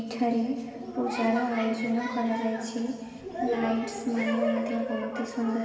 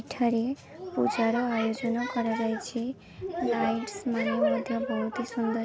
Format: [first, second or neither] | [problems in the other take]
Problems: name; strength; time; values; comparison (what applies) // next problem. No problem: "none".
second | room echo; dies away in 2.3 s